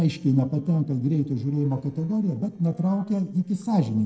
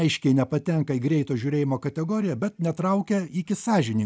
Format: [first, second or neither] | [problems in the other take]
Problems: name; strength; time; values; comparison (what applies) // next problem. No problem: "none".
second | noise reduction (neural separator model SepFormer DNS4)